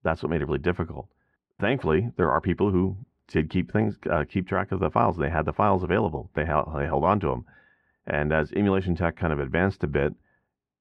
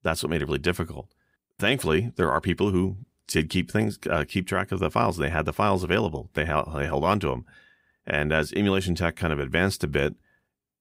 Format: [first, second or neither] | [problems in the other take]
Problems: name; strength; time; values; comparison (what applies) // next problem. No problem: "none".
second | muffled; very; fading above 1.5 kHz